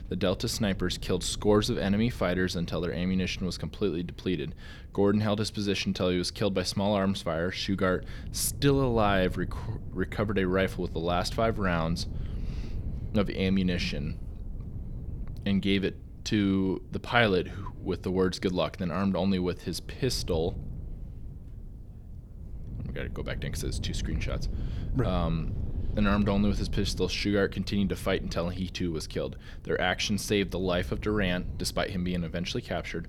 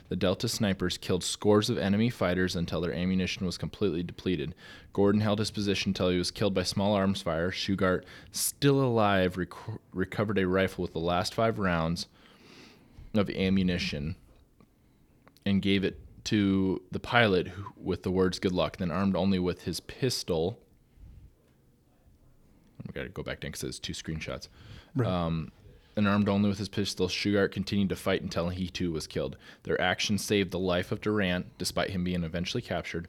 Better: second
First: wind noise on the microphone; occasional gusts; 20 dB below the speech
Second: none

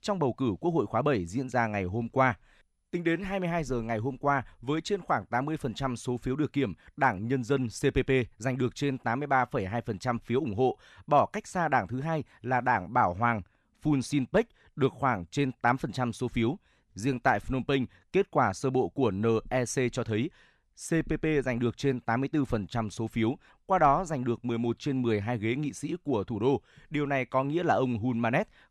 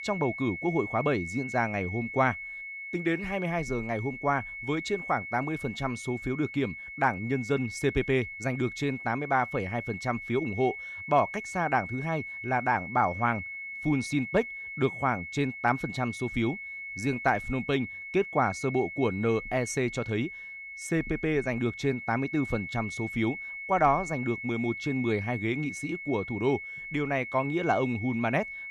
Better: first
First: none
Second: high-pitched whine; loud; throughout; 2 kHz, 8 dB below the speech

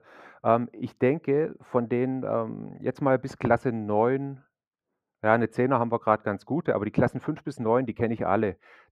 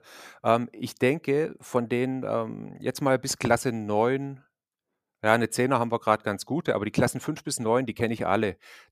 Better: second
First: muffled; very; fading above 3.5 kHz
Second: none

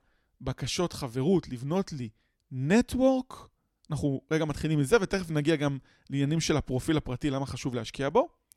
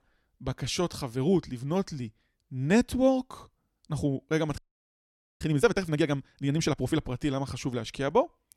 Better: first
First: none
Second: audio freezing; at 4.5 s for 1 s

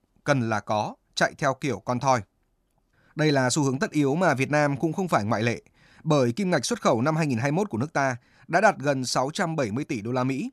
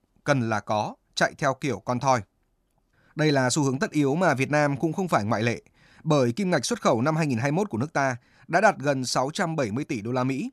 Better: neither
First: none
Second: none

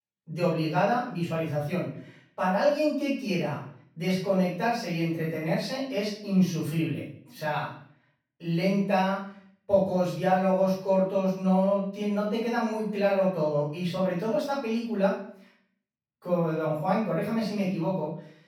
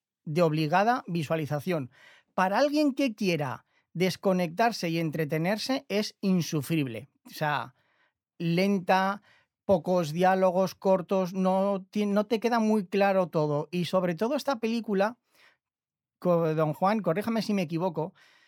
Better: second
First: off-mic speech; far // room echo; noticeable; dies away in 0.5 s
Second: none

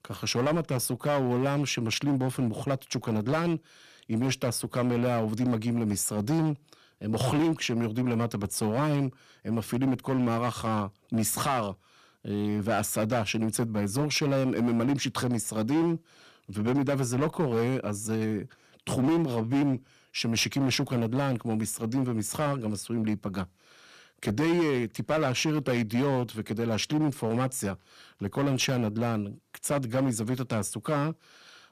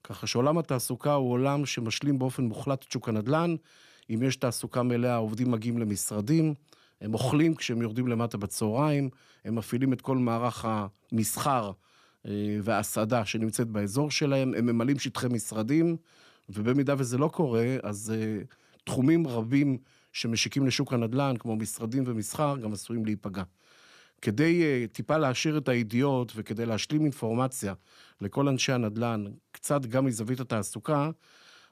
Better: second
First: distortion; slight; 10% of the sound clipped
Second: none

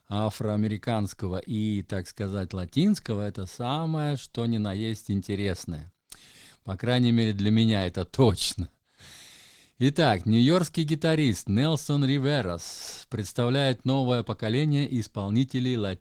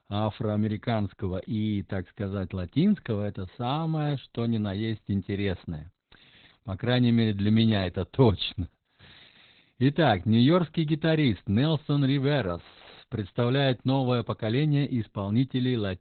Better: first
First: garbled, watery; slightly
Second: garbled, watery; badly; nothing above 4 kHz

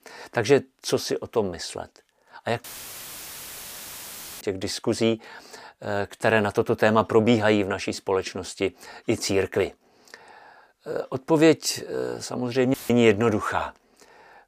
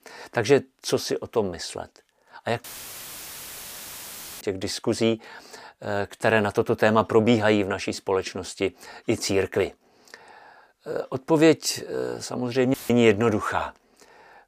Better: neither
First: audio cutting out; filled with static; at 2.5 s for 2 s and at 13 s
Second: audio cutting out; filled with static; at 2.5 s for 2 s and at 13 s

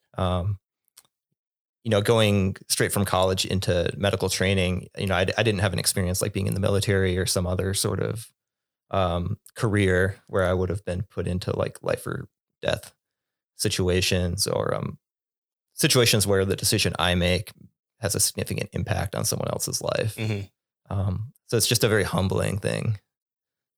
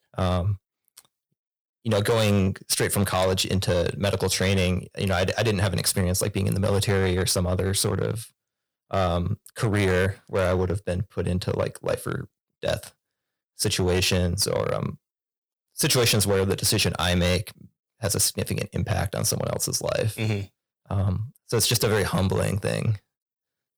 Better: first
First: none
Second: distortion; slight; 6% of the sound clipped

